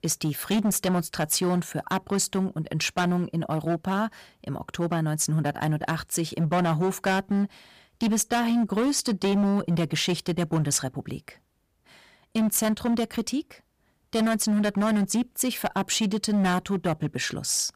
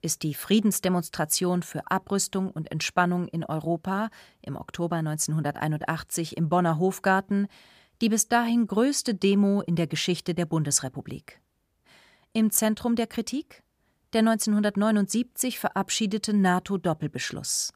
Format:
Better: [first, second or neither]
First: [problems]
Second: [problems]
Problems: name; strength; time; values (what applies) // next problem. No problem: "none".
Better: second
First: distortion; slight; 12% of the sound clipped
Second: none